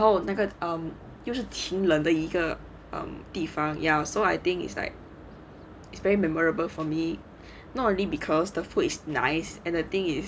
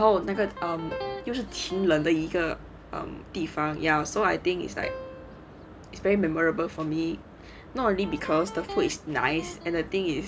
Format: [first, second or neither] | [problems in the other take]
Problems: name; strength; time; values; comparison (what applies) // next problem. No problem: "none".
first | background sound (Electric guitar + Piano); 15 dB below the speech